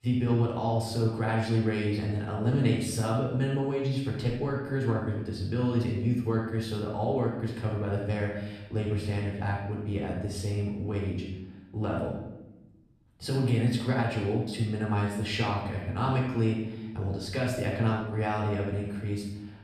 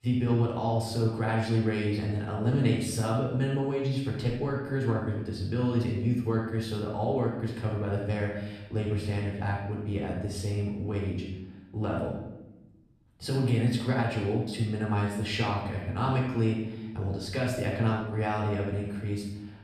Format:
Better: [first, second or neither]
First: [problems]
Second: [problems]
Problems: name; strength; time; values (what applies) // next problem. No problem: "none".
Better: neither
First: off-mic speech; far // room echo; noticeable; dies away in 0.9 s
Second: off-mic speech; far // room echo; noticeable; dies away in 0.9 s